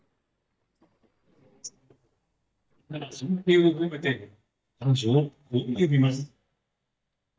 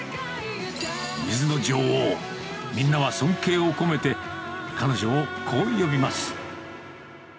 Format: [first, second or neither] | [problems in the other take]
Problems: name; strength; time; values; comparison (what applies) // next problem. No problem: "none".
second | noise reduction (neural mask model DeepFilterNet 3)